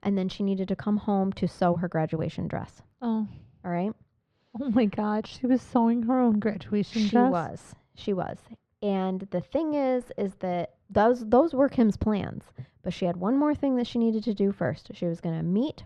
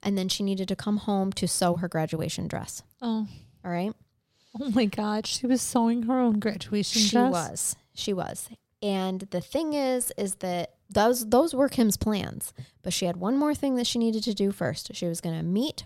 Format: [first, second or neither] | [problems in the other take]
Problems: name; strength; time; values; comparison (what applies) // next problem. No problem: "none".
second | muffled; very; fading above 2 kHz